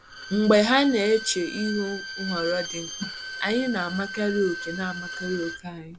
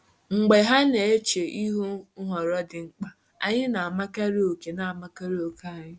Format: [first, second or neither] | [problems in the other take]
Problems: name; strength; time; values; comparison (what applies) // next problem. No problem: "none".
second | background sound (Bowed string instrument); 10 dB below the speech